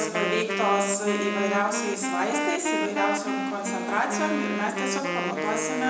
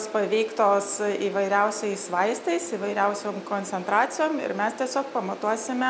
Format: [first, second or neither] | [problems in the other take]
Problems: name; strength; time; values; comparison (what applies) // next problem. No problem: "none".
second | background sound (Wind instrument, woodwind instrument); 2 dB below the speech // room echo; dies away in 0.9 s